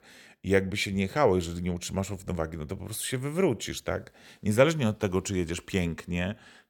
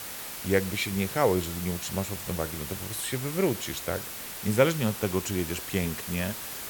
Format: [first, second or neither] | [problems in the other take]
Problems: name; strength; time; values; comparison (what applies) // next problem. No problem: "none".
first | hiss; loud; throughout; 6 dB below the speech